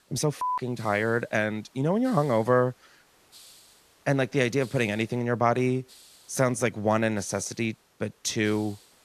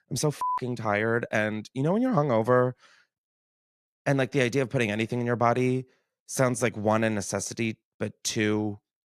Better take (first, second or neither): second